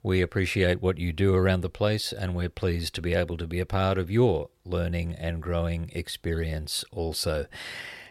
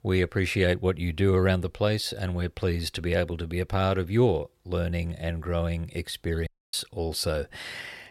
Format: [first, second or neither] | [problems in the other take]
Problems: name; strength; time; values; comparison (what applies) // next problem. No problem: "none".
first | audio cutting out; at 6.5 s